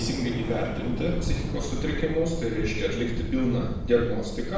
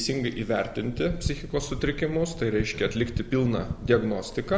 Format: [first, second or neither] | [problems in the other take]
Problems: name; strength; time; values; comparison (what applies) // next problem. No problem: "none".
second | background sound (Fire); 9 dB below the speech // room echo; dies away in 0.6 s